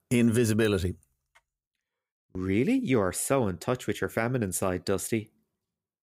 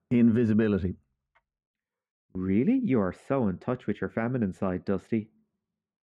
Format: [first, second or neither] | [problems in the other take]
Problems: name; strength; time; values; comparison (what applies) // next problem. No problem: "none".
first | muffled; very; fading above 2 kHz